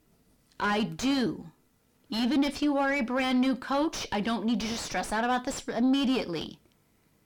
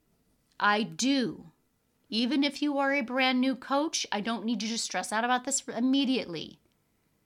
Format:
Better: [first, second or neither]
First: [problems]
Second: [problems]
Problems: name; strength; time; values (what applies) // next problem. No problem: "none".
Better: second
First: distortion; heavy; 6 dB below the speech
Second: none